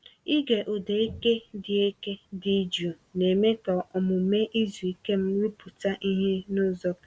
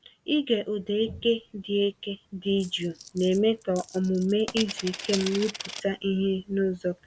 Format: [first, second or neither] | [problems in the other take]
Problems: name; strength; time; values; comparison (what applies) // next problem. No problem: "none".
first | background sound (Coin (dropping)); 12 dB below the speech